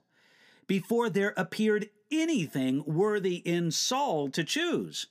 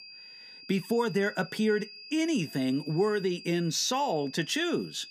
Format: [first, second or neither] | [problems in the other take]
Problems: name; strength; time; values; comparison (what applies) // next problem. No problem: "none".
first | high-pitched whine; noticeable; throughout; 5 kHz, 15 dB below the speech